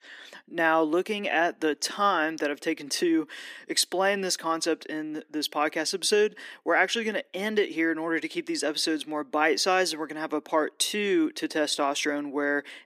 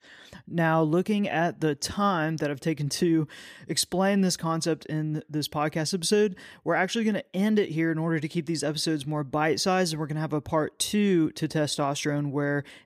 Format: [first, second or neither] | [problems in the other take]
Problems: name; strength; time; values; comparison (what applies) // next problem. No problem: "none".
second | thin; somewhat; fading below 250 Hz